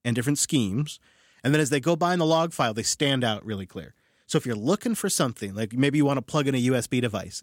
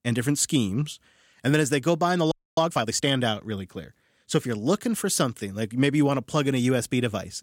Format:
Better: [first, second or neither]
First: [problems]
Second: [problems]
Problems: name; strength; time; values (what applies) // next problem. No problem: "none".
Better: first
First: none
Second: audio freezing; at 2.5 s